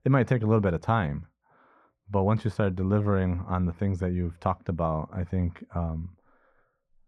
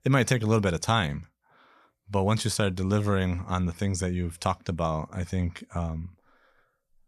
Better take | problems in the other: second | muffled; very; fading above 3 kHz

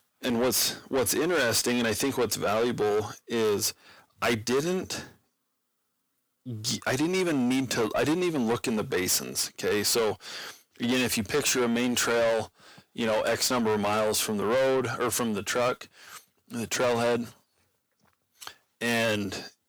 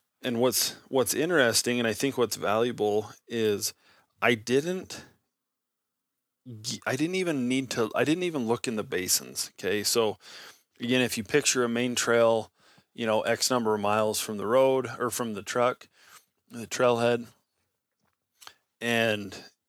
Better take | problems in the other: second | distortion; heavy; 6 dB below the speech

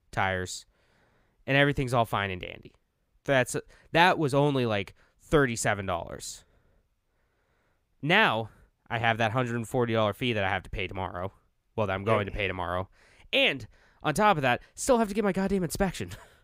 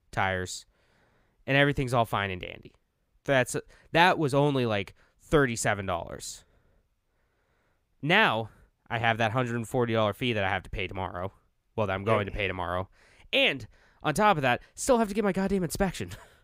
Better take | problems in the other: neither | none

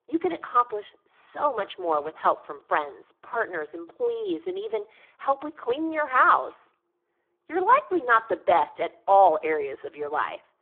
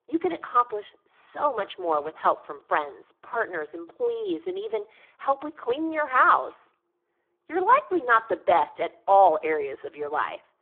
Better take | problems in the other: neither | phone-call audio; poor line; the same in both

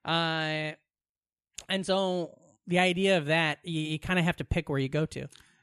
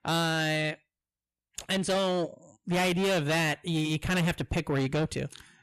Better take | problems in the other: first | distortion; heavy; 7 dB below the speech

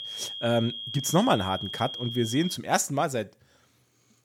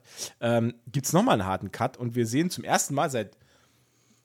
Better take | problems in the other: second | high-pitched whine; loud; until 2.5 s; 3 kHz, 7 dB below the speech

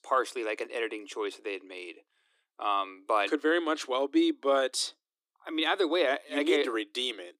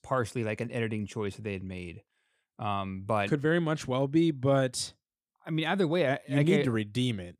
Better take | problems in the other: second | thin; somewhat; fading below 300 Hz

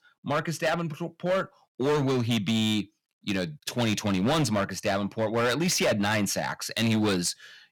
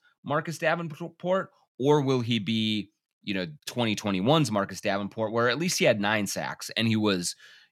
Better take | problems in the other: second | distortion; heavy; 12% of the sound clipped

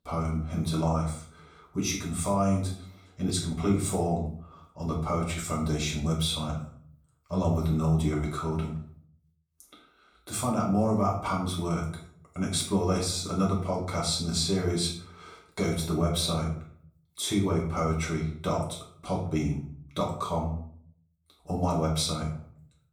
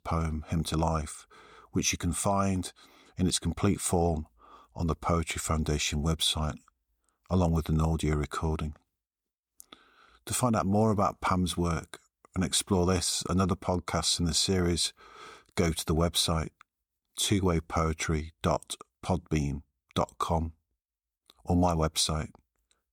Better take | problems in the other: second | room echo; slight; dies away in 0.5 s // off-mic speech; far

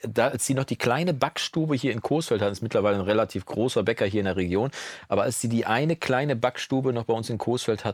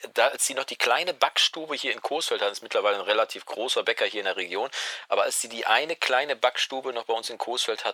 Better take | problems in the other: first | thin; very; fading below 550 Hz

